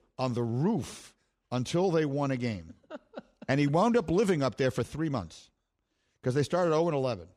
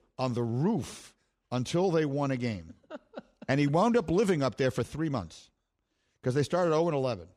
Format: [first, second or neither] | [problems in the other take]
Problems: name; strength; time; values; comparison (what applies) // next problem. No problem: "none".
neither | none